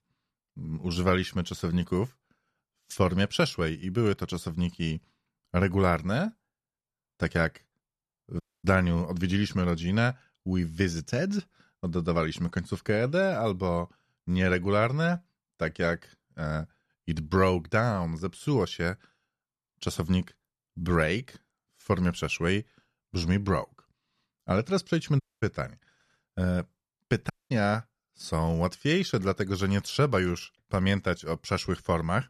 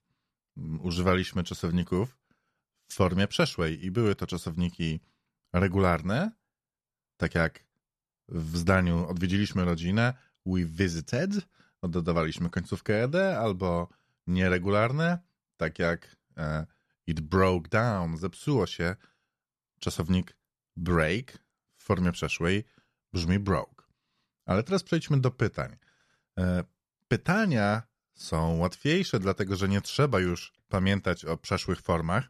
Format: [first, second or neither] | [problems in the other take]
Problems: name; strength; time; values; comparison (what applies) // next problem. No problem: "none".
second | audio cutting out; at 8.5 s, at 25 s and at 27 s